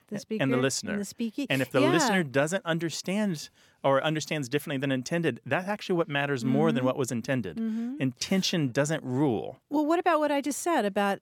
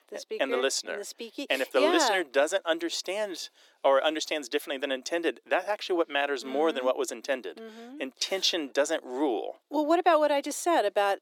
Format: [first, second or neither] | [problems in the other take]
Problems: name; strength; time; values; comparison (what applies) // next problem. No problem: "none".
first | thin; somewhat; fading below 300 Hz